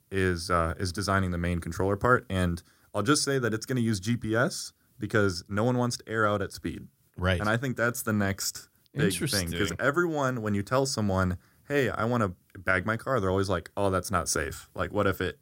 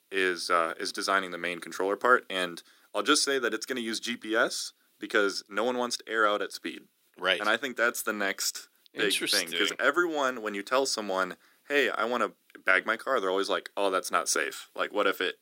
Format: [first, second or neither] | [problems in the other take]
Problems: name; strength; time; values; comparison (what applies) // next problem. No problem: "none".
first | thin; somewhat; fading below 300 Hz